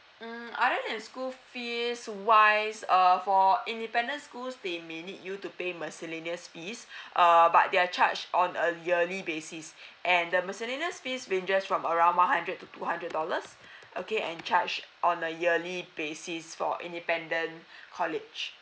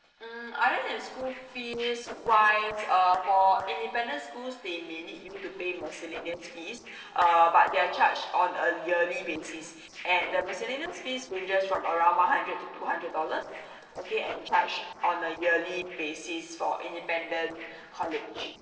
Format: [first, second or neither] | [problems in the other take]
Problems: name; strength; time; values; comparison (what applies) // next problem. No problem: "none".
first | noise reduction (neural separator model SepFormer DNS4)